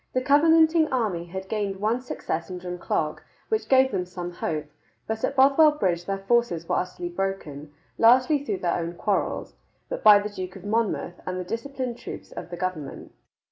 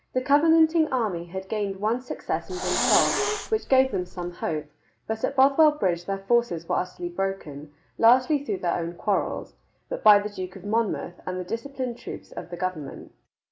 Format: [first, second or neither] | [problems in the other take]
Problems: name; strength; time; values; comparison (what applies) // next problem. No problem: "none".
first | background sound (Hiss); 3 dB below the speech